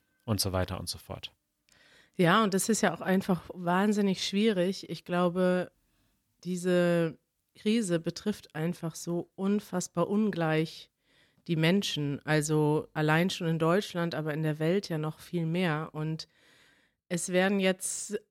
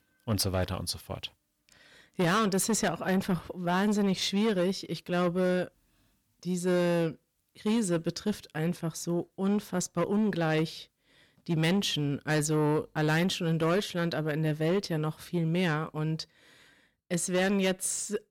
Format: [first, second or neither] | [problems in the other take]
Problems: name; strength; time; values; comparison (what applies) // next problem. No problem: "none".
first | distortion; slight; 10 dB below the speech